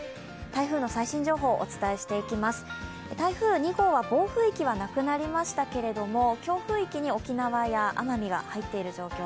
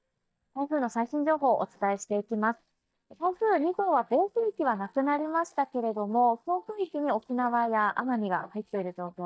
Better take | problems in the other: first | noise reduction (neural mask model DeepFilterNet 3)

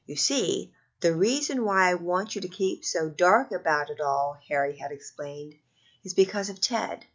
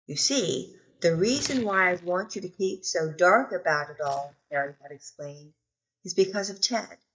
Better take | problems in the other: first | noise reduction (neural mask model DeepFilterNet 3)

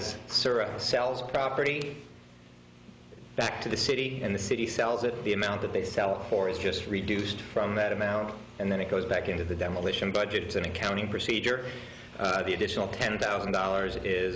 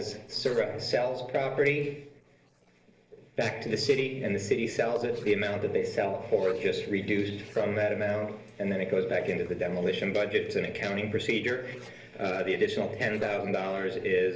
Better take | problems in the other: first | noise reduction (neural separator model SepFormer DNS4)

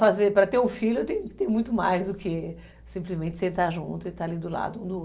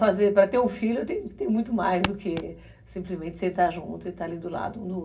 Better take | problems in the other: first | background sound (Walk, footsteps); 6 dB below the speech // room echo; dies away in 0.4 s

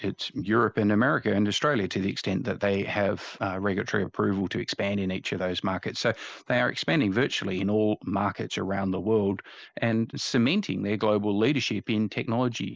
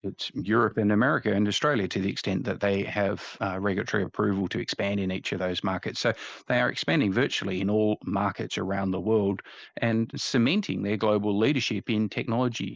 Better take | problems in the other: first | noise reduction (neural mask model DeepFilterNet 3)

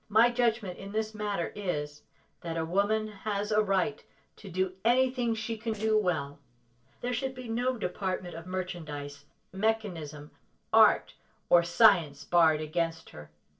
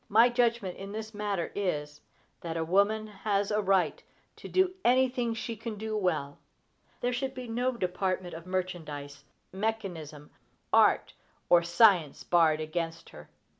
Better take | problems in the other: second | noise reduction (neural separator model SepFormer DNS4)

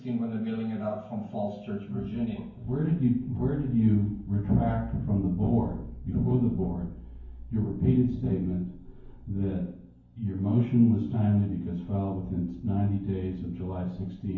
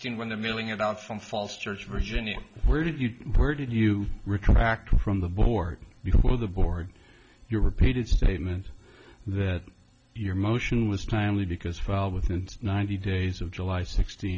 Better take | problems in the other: second | room echo; dies away in 0.9 s

